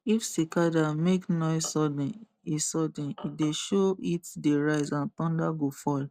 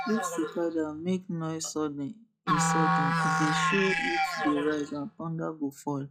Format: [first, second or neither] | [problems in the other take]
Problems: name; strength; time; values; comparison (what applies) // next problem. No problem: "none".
first | noise reduction (classical method log-MMSE)